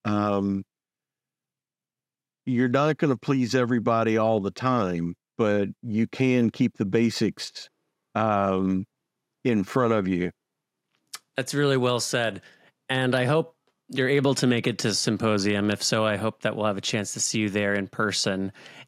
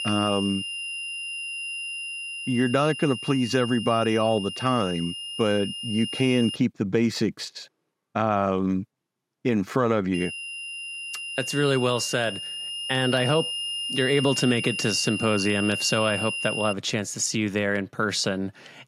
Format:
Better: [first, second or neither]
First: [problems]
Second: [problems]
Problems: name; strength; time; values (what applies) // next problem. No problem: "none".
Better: first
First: none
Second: high-pitched whine; loud; until 6.5 s and from 10 to 17 s; 3 kHz, 5 dB below the speech